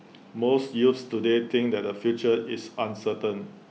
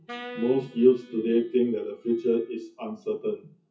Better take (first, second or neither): first